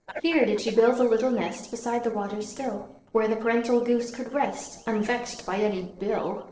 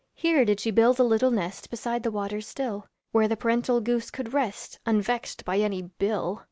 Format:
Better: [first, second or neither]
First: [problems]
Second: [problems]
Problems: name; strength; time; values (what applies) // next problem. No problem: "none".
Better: second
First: noise reduction (neural separator model SepFormer DNS4)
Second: none